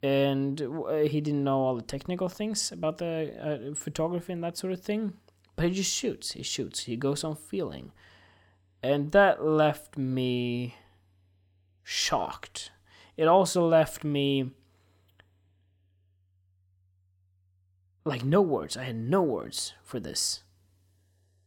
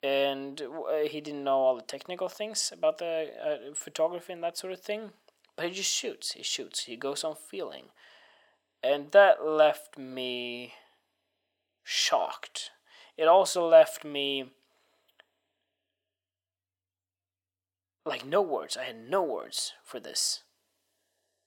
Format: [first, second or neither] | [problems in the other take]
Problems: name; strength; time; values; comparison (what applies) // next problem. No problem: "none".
first | thin; very; fading below 500 Hz